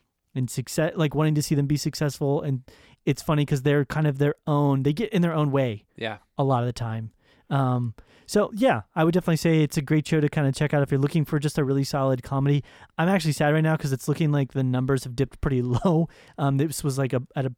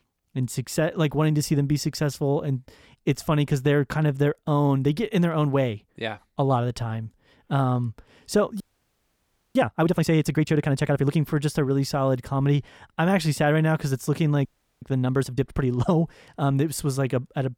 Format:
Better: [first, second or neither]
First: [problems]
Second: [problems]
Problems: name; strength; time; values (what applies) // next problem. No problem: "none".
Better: first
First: none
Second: audio freezing; at 8.5 s for 1 s and at 14 s